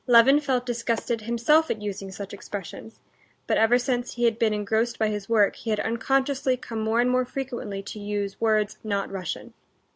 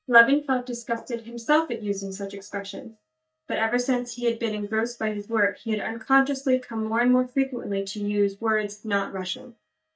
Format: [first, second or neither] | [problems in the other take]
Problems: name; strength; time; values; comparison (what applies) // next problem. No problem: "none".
first | noise reduction (neural mask model DeepFilterNet 3)